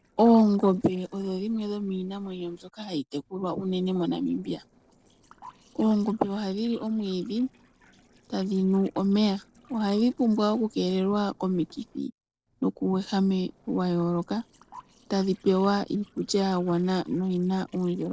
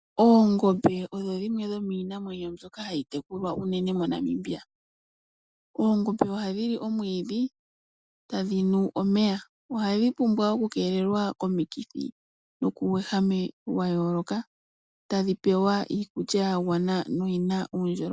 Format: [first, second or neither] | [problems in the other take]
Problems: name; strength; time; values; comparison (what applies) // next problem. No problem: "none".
second | noise reduction (neural separator model SepFormer DNS4)